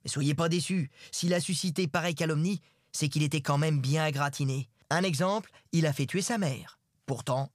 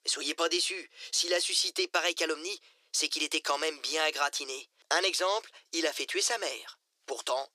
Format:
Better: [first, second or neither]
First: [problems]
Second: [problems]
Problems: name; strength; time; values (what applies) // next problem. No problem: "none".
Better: first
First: none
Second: thin; very; fading below 300 Hz